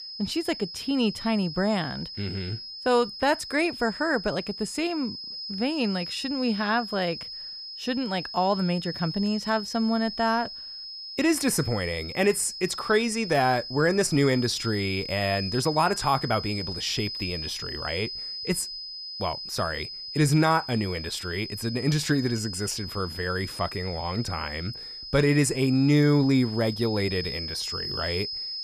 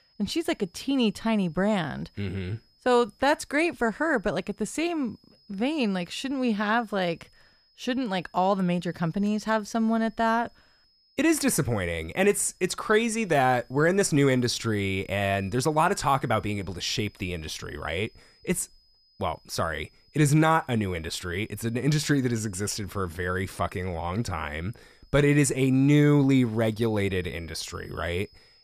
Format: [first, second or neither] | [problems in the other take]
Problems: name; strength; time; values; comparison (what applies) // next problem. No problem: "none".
second | high-pitched whine; loud; throughout; 5 kHz, 8 dB below the speech; faint in the second